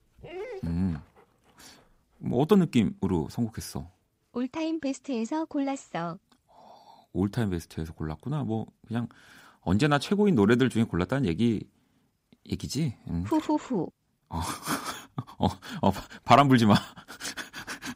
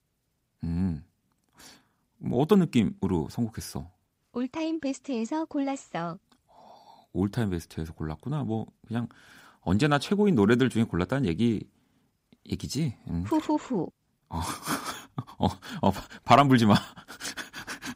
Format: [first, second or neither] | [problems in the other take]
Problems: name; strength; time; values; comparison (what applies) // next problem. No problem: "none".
second | dog barking; faint; until 1 s; peak 10 dB below the speech